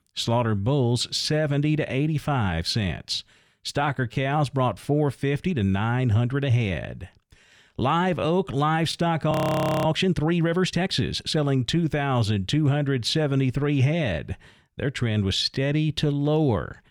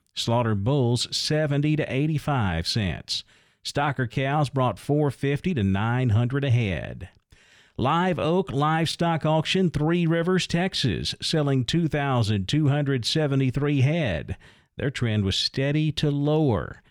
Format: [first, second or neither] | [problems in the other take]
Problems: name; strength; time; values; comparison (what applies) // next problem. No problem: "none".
second | audio freezing; at 9.5 s for 0.5 s